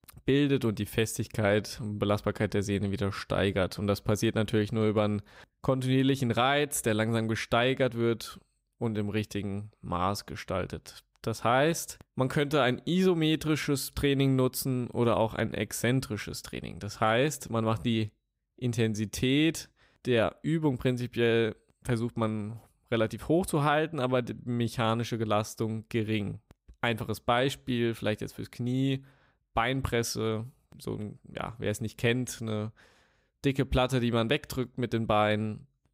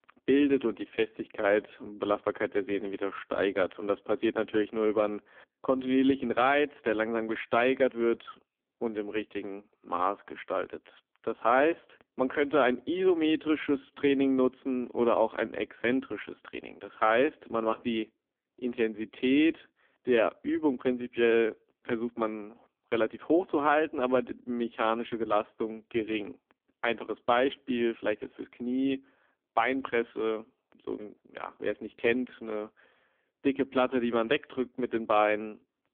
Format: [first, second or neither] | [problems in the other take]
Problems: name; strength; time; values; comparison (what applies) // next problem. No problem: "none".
first | phone-call audio; poor line; nothing above 3.5 kHz